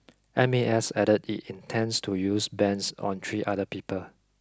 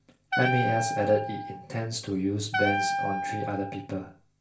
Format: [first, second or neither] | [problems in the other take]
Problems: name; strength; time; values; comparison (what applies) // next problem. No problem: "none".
first | background sound (Wind instrument, woodwind instrument); 1 dB below the speech // room echo; dies away in 0.3 s